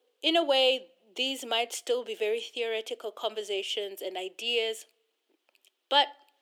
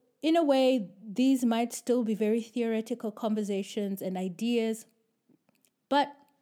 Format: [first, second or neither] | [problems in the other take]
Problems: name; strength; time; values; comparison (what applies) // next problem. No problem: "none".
second | thin; very; fading below 350 Hz